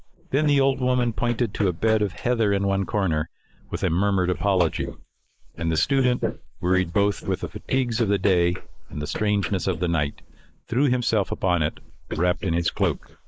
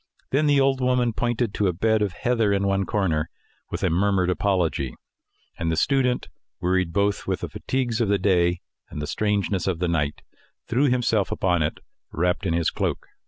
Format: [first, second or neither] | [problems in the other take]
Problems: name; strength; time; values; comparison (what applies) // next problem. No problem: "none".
second | noise reduction (neural mask model Resemble Enhance denoiser)